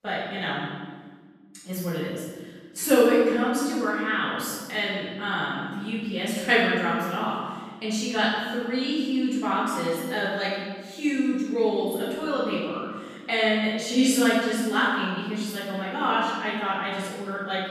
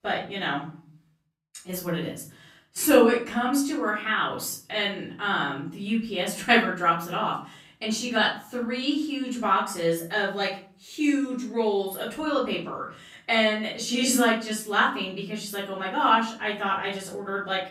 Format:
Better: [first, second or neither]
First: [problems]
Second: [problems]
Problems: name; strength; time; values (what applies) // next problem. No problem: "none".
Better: second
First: room echo; strong; dies away in 1.5 s // off-mic speech; far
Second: room echo; slight; dies away in 0.5 s // off-mic speech; far